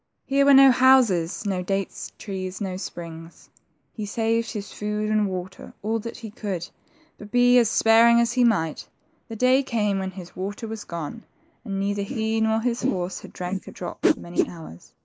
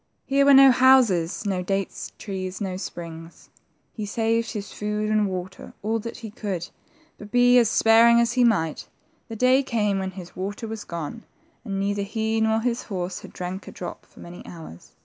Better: second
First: noise reduction (neural mask model Resemble Enhance denoiser)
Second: none

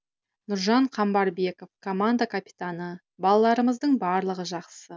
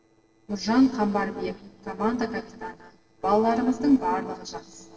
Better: first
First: none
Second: noise reduction (neural separator model SepFormer DNS4)

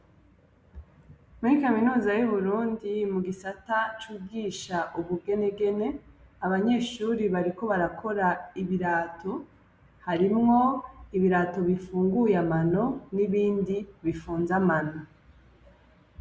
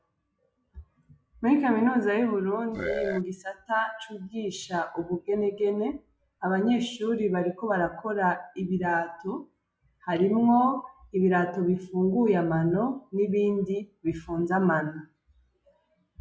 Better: first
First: none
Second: noise reduction (classical method log-MMSE)

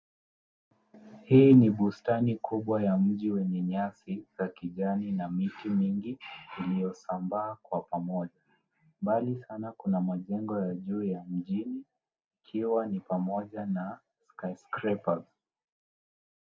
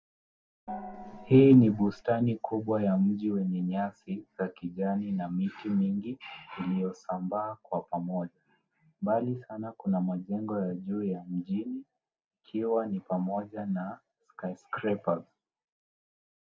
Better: first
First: none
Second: background sound (Gong); 14 dB below the speech

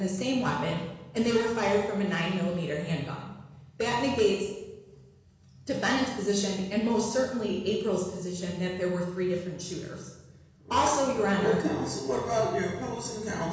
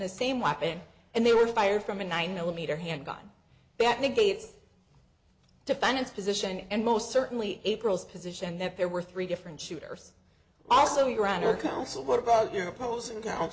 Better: second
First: room echo; dies away in 1.1 s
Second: none

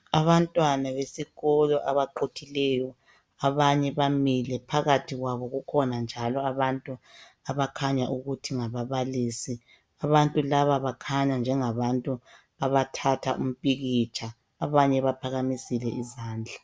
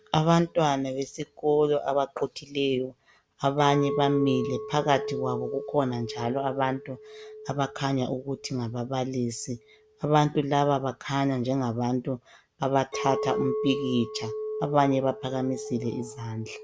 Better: first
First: none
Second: background sound (Chink, clink); 10 dB below the speech

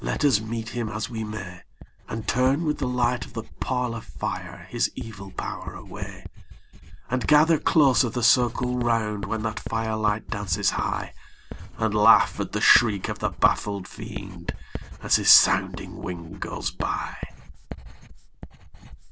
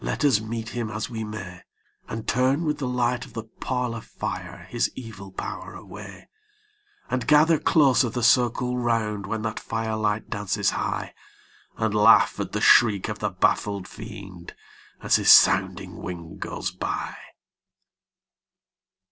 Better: second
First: background sound (Writing); 11 dB below the speech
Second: none

